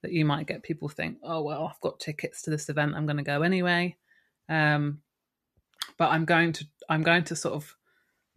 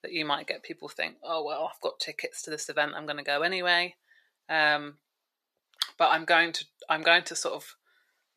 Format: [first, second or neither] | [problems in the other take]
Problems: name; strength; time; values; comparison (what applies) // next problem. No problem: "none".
first | thin; very; fading below 600 Hz